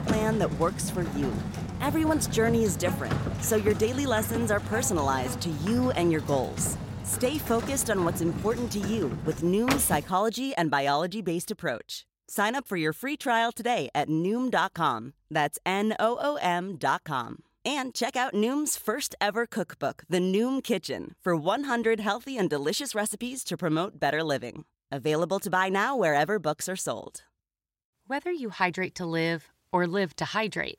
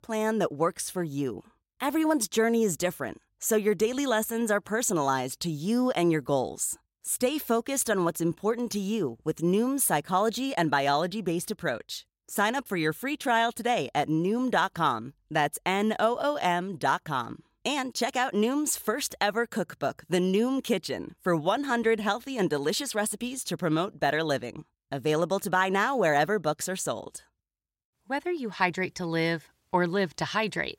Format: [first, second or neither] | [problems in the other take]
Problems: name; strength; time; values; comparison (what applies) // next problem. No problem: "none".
second | household noises; loud; until 10 s; 6 dB below the speech